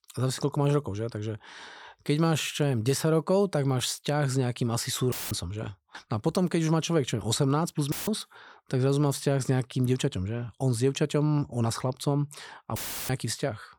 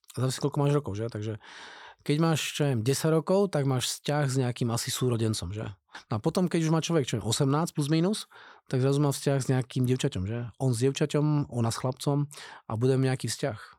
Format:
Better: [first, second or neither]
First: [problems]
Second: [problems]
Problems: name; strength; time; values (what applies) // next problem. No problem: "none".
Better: second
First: audio cutting out; filled with static; at 5 s, at 8 s and at 13 s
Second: none